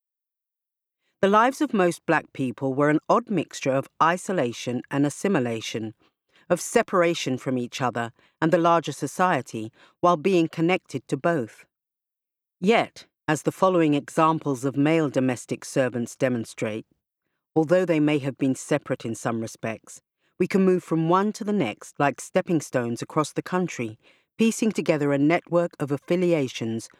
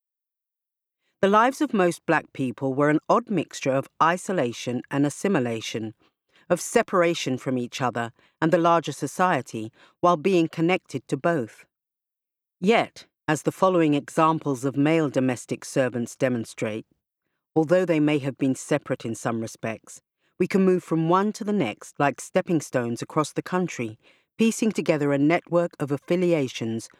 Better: neither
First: none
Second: none

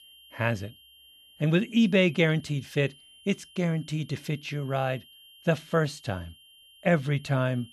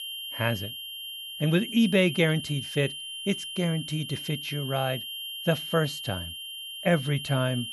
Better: first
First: high-pitched whine; faint; throughout; 3 kHz, 25 dB below the speech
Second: high-pitched whine; loud; throughout; 3 kHz, 7 dB below the speech

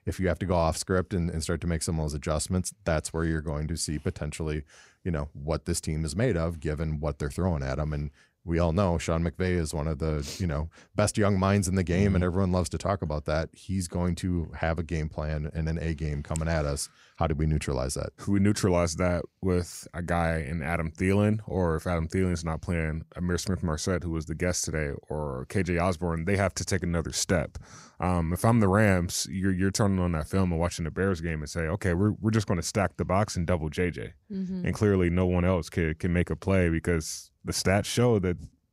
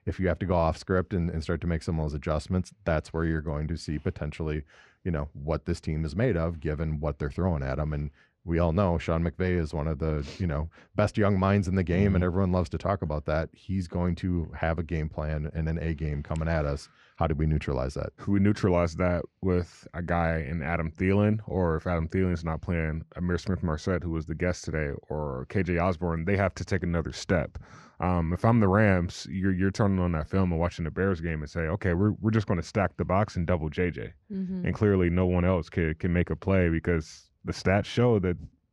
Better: first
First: none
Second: muffled; slightly; fading above 3 kHz

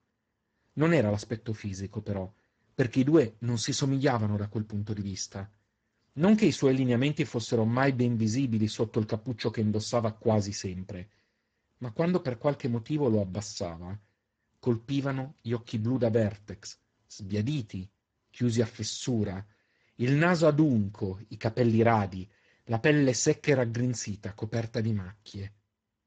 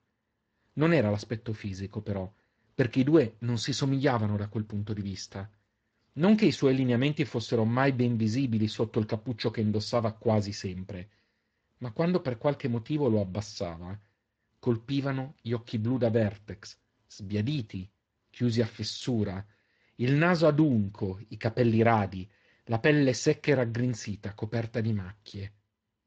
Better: second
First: garbled, watery; badly; nothing above 7.5 kHz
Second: garbled, watery; slightly

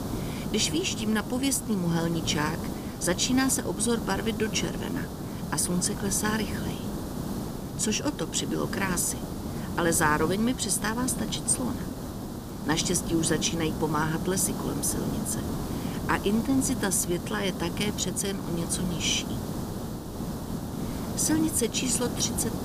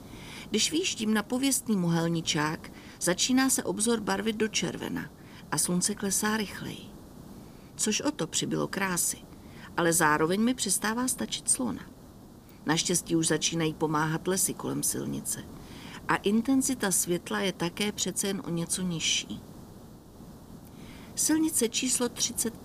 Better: second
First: hiss; loud; throughout; 6 dB below the speech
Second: hiss; faint; throughout; 20 dB below the speech

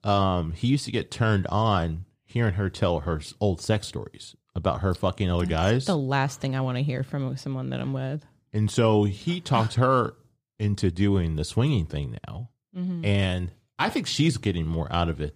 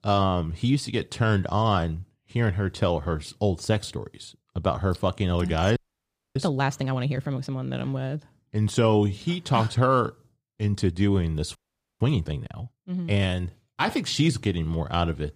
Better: first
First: none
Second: audio freezing; at 6 s for 0.5 s and at 12 s

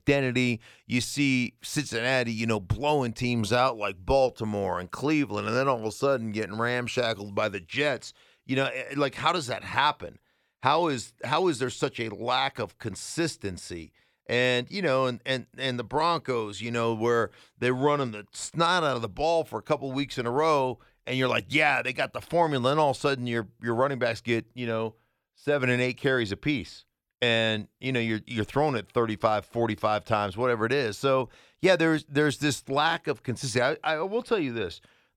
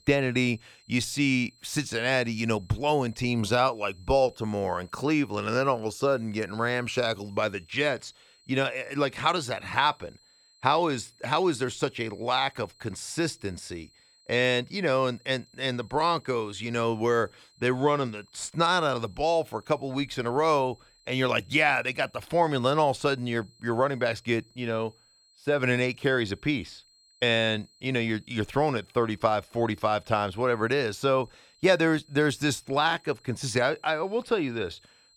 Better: first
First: none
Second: high-pitched whine; faint; throughout; 4 kHz, 30 dB below the speech

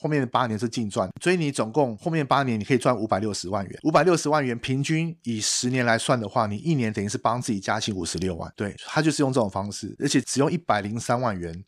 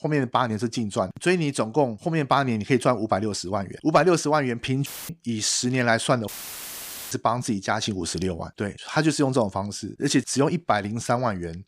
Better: first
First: none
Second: audio cutting out; filled with static; at 5 s and at 6.5 s for 1 s

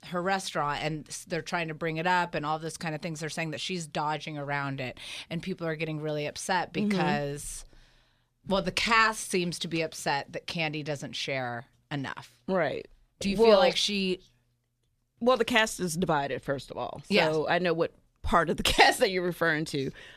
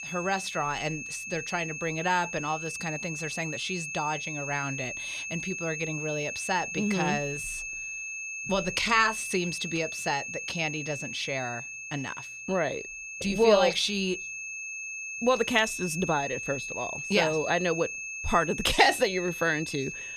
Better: first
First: none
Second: high-pitched whine; loud; throughout; 2.5 kHz, 6 dB below the speech

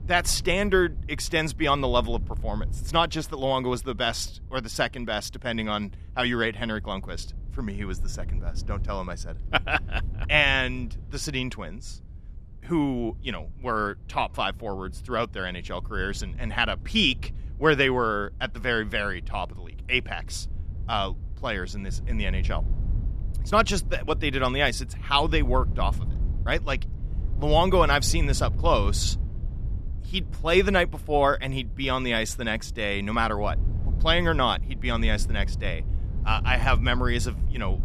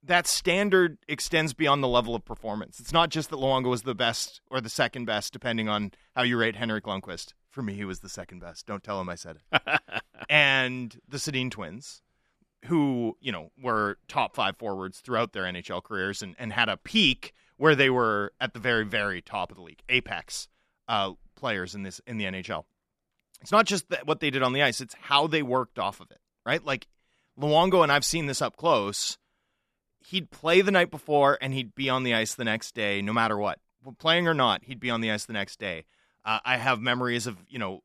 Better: second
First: wind noise on the microphone; occasional gusts; 25 dB below the speech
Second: none

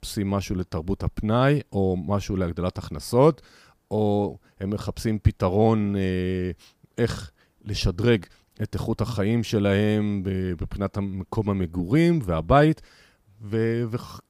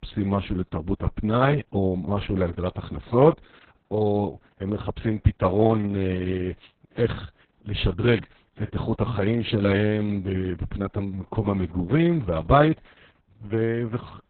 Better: first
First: none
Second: garbled, watery; badly; nothing above 4 kHz

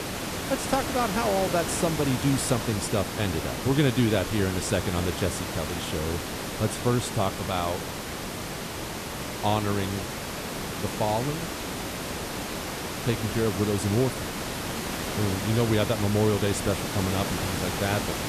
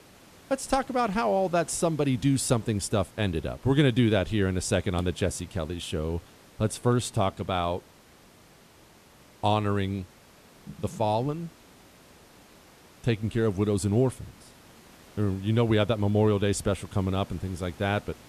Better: second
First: hiss; loud; throughout; 4 dB below the speech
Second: hiss; faint; throughout; 25 dB below the speech

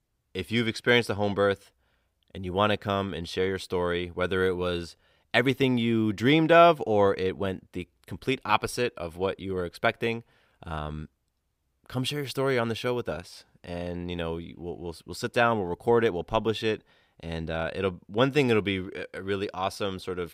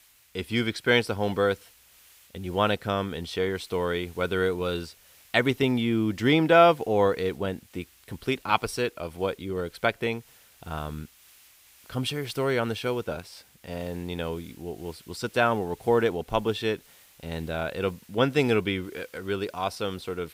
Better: first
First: none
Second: hiss; faint; throughout; 25 dB below the speech

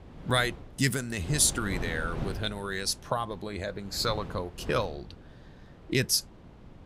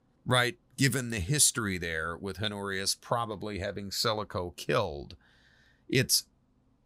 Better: second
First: wind noise on the microphone; occasional gusts; 15 dB below the speech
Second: none

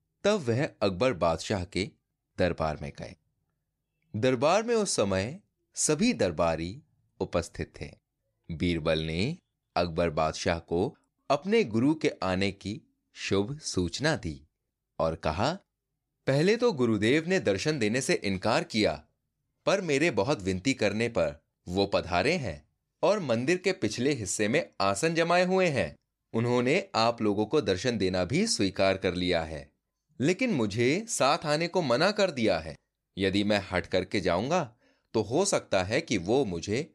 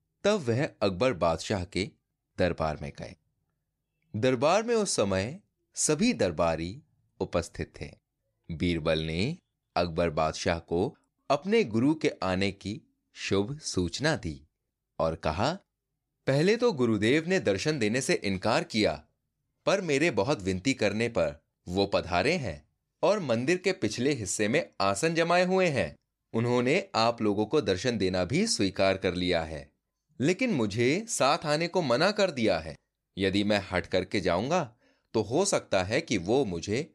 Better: neither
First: none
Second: none

